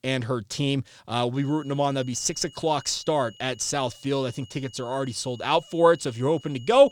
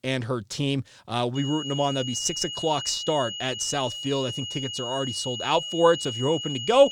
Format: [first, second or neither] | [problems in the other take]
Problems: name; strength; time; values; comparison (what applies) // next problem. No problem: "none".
first | high-pitched whine; loud; from 1.5 s on; 3 kHz, 5 dB below the speech; faint in the first